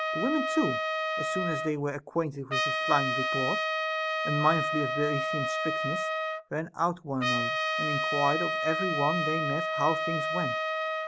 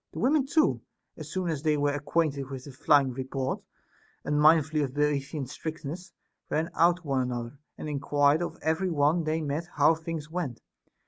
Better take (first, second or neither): second